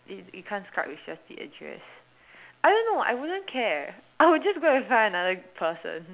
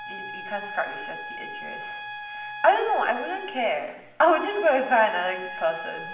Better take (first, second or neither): first